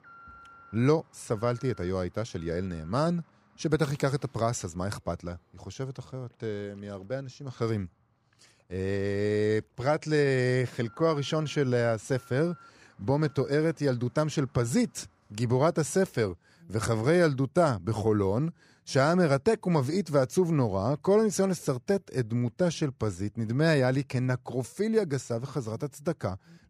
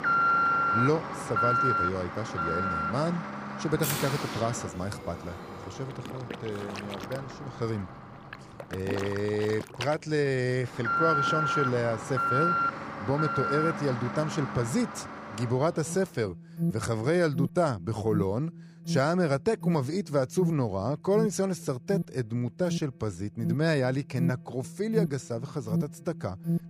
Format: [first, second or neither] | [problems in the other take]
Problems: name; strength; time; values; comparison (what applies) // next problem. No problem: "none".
first | alarms or sirens; loud; throughout; 1 dB below the speech; faint in the first